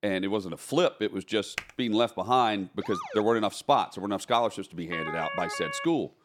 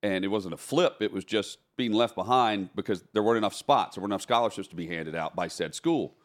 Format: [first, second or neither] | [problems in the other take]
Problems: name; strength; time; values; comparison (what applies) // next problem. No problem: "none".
second | keyboard typing; noticeable; at 1.5 s; peak 9 dB below the speech // siren; noticeable; at 3 s and at 5 s; peak 5 dB below the speech